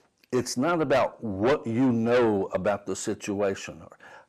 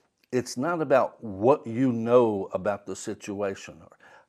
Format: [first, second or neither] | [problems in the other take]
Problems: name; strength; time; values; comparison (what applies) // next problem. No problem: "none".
second | distortion; heavy; 7 dB below the speech